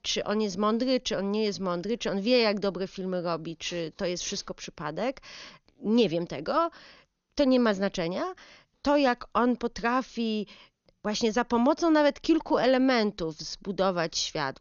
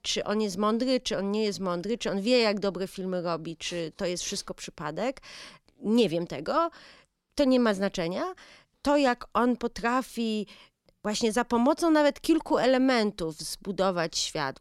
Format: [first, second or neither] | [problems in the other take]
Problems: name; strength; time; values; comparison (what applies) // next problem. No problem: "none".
second | garbled, watery; slightly; nothing above 6.5 kHz